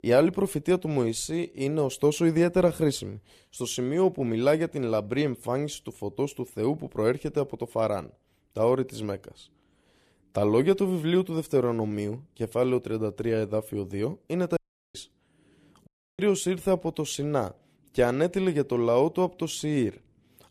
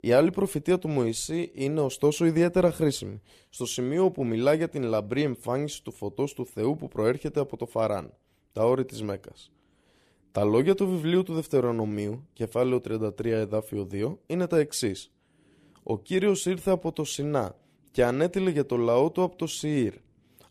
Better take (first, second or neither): second